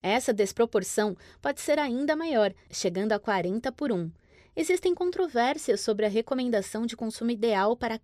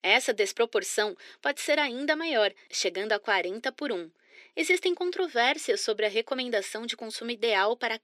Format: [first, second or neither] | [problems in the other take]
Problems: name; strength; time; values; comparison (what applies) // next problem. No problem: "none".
first | thin; somewhat; fading below 300 Hz